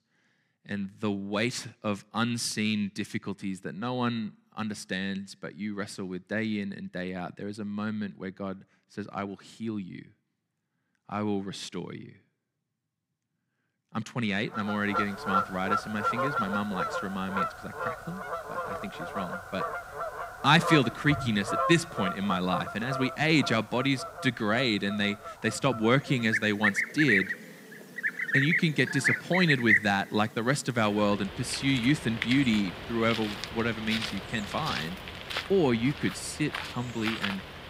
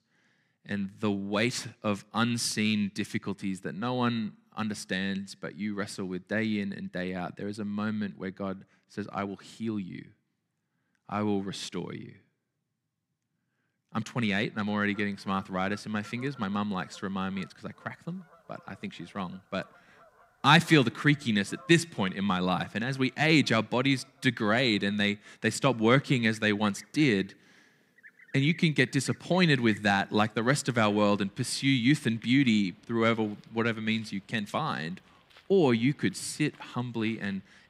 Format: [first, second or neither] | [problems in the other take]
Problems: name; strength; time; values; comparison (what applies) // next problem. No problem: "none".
second | animal sounds; loud; from 15 s on; 3 dB below the speech; faint in the second